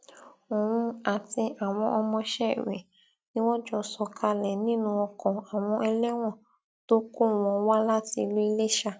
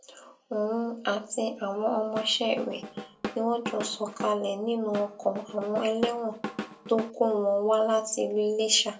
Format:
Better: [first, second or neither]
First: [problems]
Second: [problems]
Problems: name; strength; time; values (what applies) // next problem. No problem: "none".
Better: first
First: none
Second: background sound (Drum / Drum kit); 10 dB below the speech // room echo; dies away in 0.2 s